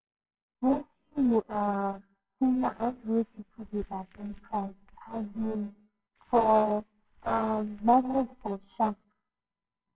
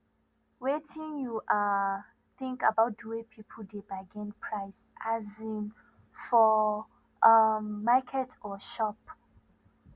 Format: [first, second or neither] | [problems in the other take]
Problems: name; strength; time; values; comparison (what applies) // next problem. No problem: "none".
second | noise reduction (neural separator model SepFormer WHAMR!)